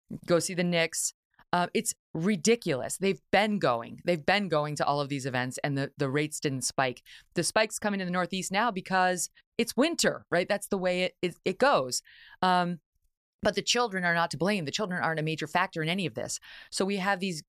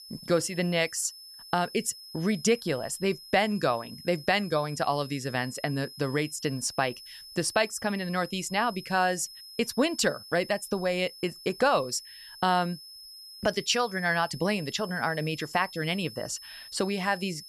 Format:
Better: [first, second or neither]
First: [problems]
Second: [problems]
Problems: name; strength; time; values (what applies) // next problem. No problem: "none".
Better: first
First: none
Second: high-pitched whine; noticeable; throughout; 5 kHz, 15 dB below the speech